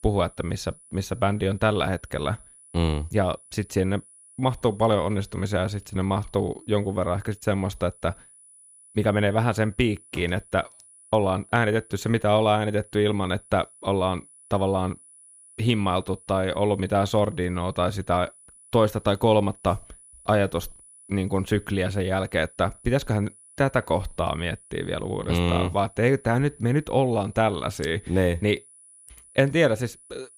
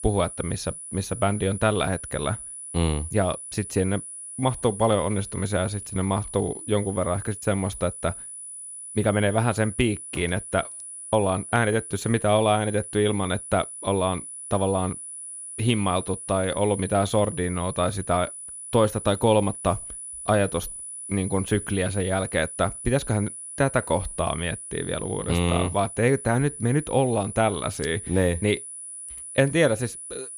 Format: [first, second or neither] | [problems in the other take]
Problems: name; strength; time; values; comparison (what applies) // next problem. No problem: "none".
first | high-pitched whine; loud; throughout; 10 kHz, 10 dB below the speech; faint in the first